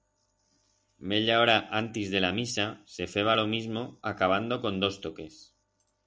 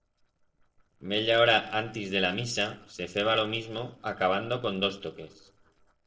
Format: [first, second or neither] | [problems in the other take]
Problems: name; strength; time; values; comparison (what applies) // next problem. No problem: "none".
first | noise reduction (neural separator model SepFormer DNS4)